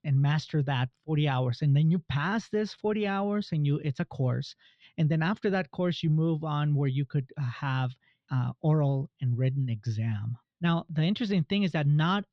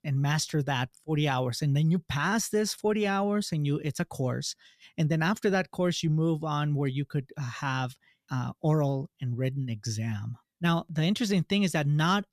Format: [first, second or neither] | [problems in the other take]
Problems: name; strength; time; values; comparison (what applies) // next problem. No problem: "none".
second | muffled; slightly; fading above 4 kHz